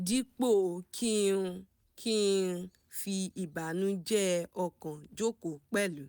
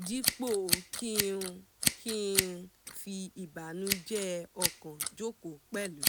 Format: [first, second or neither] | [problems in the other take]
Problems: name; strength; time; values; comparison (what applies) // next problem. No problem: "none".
first | background sound (Scissors); 1 dB above the speech